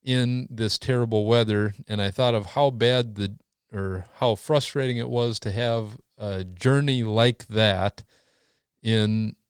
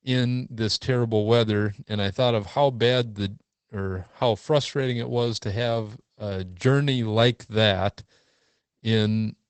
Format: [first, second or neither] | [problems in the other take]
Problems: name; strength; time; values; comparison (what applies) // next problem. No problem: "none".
first | garbled, watery; badly; nothing above 8 kHz; slightly in the first